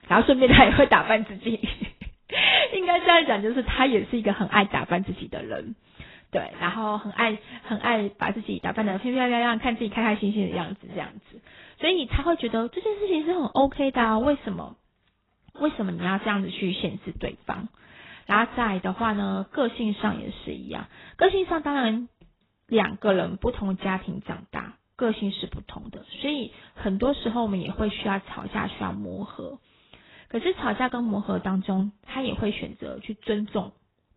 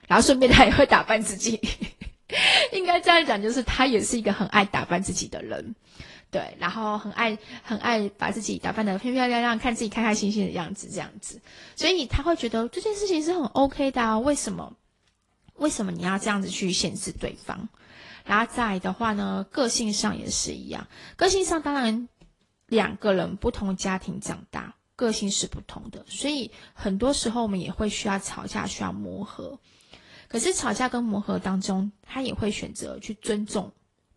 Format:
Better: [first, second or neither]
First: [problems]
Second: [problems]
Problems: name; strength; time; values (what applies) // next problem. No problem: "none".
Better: second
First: garbled, watery; badly; nothing above 4 kHz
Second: garbled, watery; slightly; nothing above 10 kHz